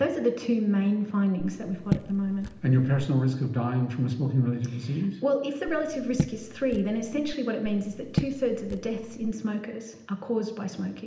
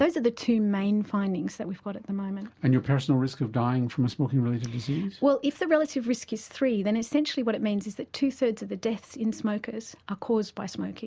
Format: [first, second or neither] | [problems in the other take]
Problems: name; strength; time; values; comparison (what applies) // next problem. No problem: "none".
second | background sound (Raindrop / Drip); 7 dB below the speech // room echo; dies away in 0.8 s